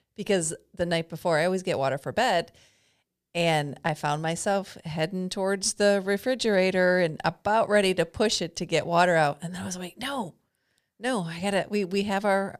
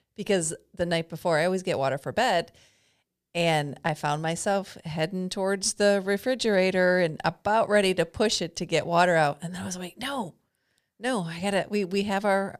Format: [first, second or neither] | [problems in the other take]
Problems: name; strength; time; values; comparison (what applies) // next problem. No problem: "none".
neither | none